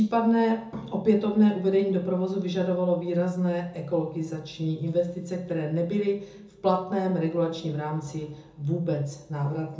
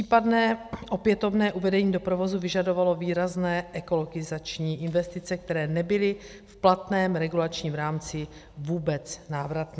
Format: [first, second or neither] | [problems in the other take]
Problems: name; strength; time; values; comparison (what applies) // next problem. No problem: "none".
second | room echo; dies away in 0.6 s